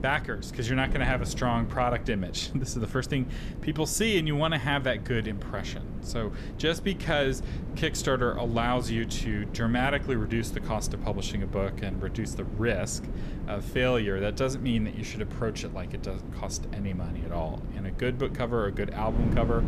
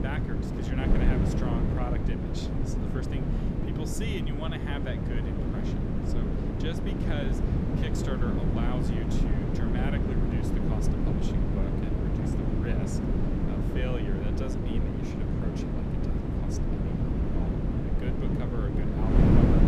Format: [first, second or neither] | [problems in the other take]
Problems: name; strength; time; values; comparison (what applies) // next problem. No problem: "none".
first | wind noise on the microphone; heavy; 5 dB above the speech; occasional gusts in the first